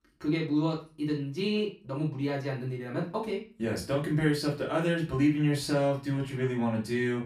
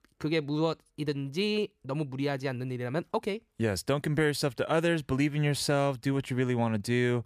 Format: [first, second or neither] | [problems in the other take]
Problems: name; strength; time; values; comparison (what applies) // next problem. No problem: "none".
second | off-mic speech; far // room echo; slight; dies away in 0.3 s